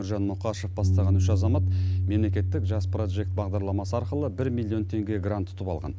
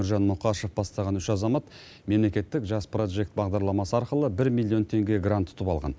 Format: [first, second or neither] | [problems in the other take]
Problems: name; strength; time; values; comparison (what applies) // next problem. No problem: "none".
second | background sound (Bass guitar); 3 dB above the speech